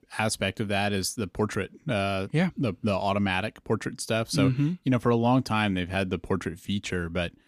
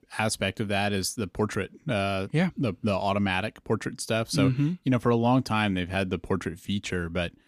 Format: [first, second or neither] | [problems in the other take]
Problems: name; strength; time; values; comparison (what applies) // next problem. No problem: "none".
neither | none